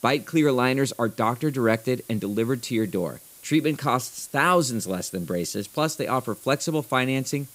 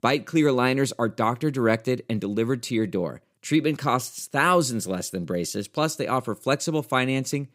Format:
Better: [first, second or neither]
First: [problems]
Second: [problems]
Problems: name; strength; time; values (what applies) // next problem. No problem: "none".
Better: second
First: hiss; faint; throughout; 20 dB below the speech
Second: none